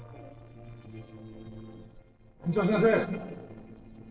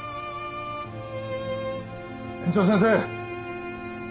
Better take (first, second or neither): second